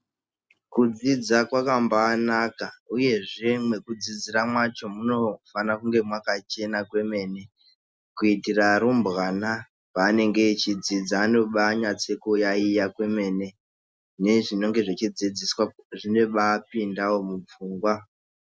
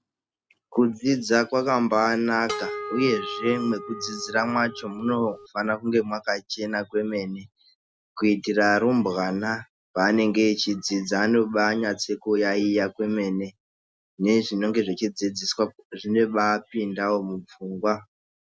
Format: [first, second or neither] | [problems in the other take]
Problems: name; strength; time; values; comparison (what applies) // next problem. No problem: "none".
first | background sound (Harp); 10 dB below the speech